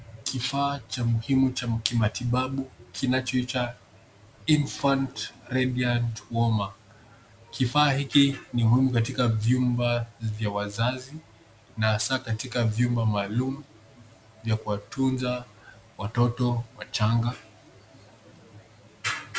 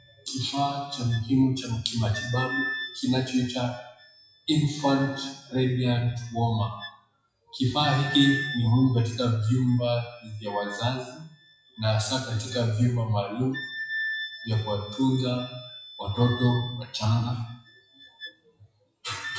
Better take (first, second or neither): first